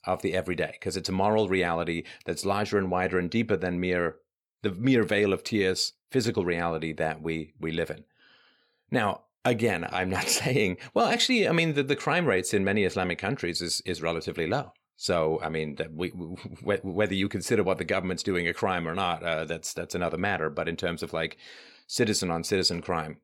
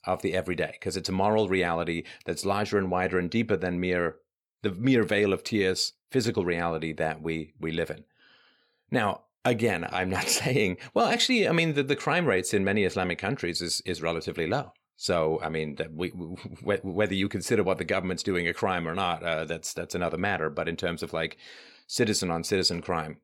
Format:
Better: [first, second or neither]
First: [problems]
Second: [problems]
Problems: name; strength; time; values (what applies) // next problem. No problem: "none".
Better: neither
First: none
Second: none